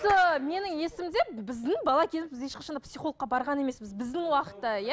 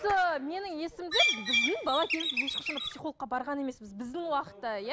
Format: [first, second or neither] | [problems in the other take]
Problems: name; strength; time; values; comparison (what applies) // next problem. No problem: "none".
first | background sound (Bird); 3 dB above the speech